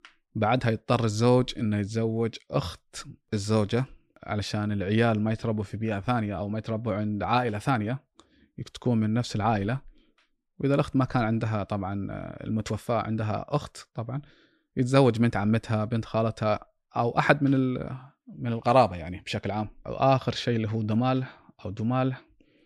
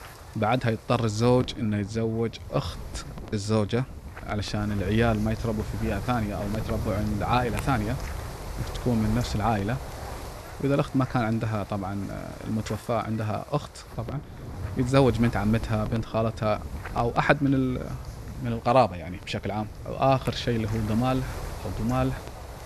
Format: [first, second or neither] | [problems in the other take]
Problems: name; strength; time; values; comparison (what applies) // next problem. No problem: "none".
first | wind noise on the microphone; occasional gusts; 15 dB below the speech